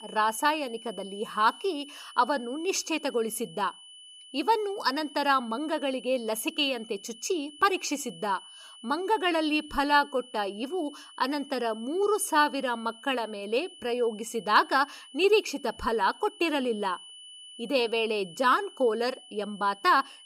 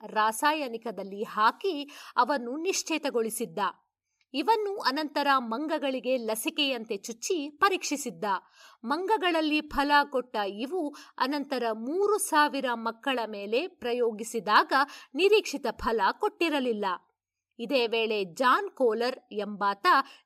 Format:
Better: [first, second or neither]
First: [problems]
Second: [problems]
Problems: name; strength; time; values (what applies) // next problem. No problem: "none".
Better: second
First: high-pitched whine; noticeable; throughout; 3 kHz, 20 dB below the speech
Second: none